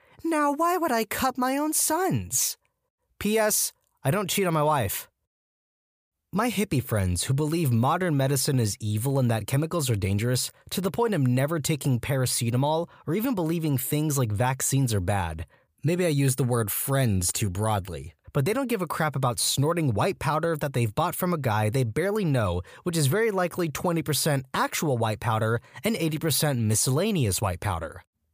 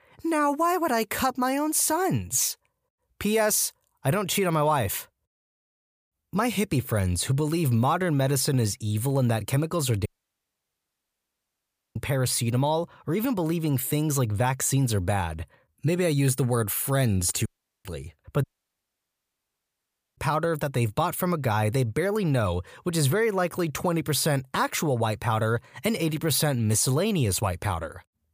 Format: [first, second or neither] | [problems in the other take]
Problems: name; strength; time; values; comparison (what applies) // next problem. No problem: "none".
first | audio cutting out; at 10 s for 2 s, at 17 s and at 18 s for 1.5 s